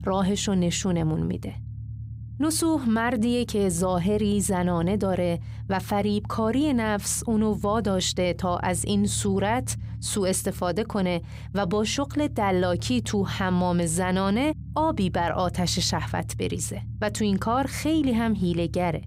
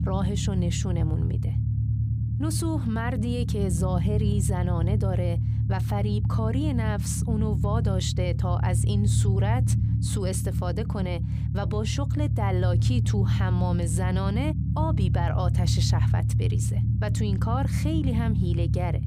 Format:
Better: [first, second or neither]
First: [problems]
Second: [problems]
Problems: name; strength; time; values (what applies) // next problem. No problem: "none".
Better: first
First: low rumble; faint; throughout; 25 dB below the speech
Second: low rumble; loud; throughout; 5 dB below the speech